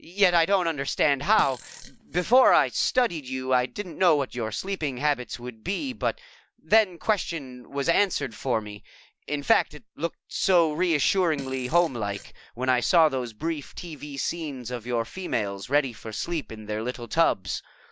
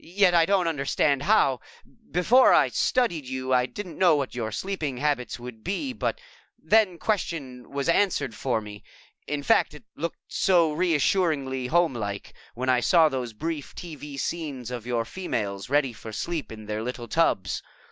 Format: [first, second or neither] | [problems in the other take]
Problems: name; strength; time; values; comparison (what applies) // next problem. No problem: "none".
second | background sound (Fart); 18 dB below the speech